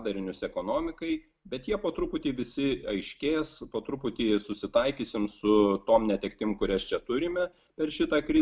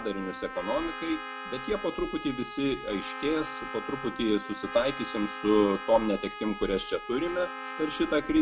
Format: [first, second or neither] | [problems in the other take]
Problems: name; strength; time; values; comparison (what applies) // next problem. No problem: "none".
first | background sound (Trumpet + Trumpet); 10 dB below the speech